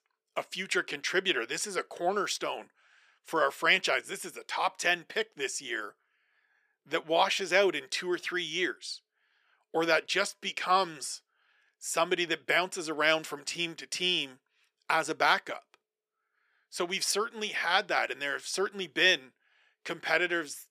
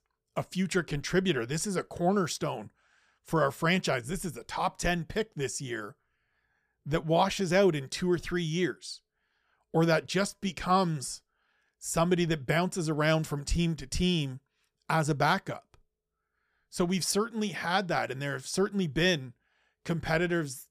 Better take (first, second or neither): second